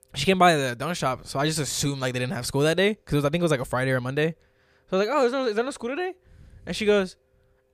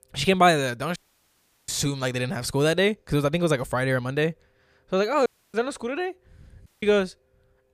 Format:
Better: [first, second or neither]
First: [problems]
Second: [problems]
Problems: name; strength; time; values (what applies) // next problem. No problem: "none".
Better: first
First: none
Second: audio cutting out; at 1 s for 0.5 s, at 5.5 s and at 6.5 s